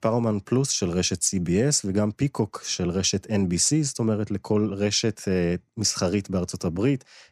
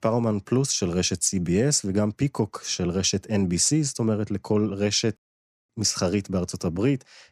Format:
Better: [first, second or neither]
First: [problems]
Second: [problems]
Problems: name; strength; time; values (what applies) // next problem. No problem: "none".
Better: first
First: none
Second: audio cutting out; at 5 s for 0.5 s